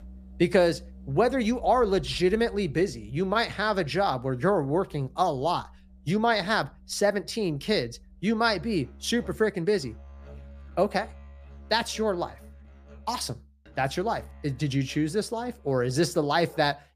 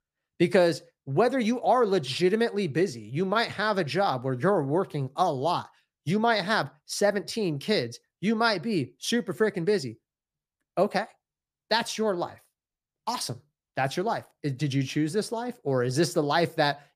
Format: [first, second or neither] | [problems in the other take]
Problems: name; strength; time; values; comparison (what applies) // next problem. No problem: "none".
second | background music; faint; throughout; 20 dB below the speech